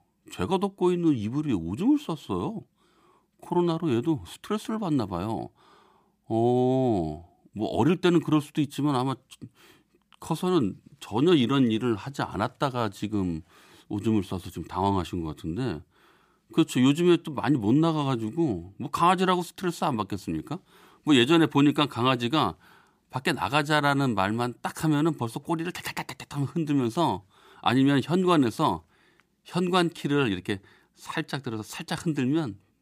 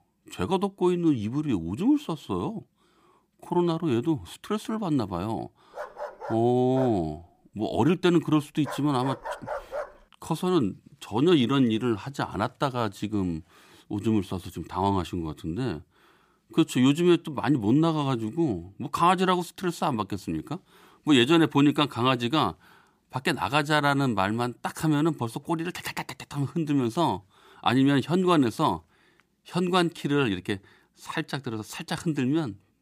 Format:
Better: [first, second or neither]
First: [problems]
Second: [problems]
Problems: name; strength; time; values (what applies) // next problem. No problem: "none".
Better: first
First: none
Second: dog barking; noticeable; from 6 to 10 s; peak 8 dB below the speech